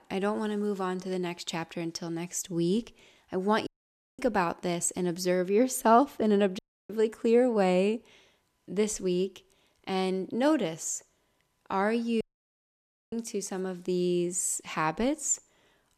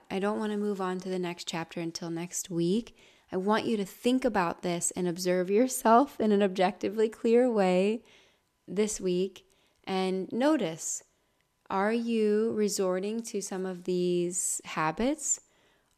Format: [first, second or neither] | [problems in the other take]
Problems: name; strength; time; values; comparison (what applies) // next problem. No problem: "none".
second | audio cutting out; at 3.5 s for 0.5 s, at 6.5 s and at 12 s for 1 s